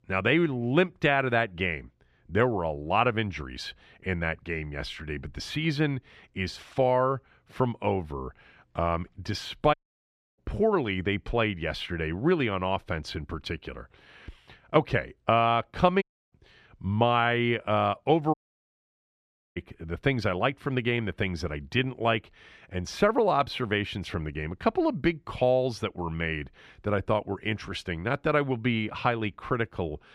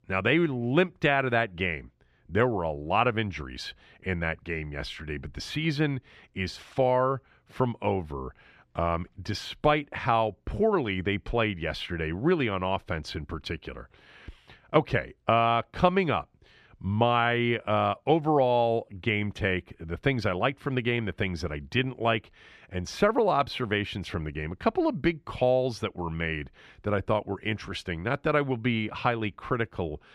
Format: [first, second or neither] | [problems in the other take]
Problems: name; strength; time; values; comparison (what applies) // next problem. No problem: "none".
second | audio cutting out; at 9.5 s for 0.5 s, at 16 s and at 18 s for 1 s